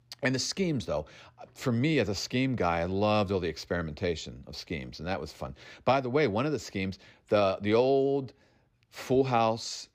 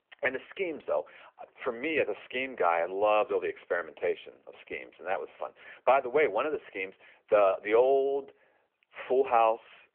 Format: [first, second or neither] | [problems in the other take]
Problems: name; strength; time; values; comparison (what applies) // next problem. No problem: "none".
first | phone-call audio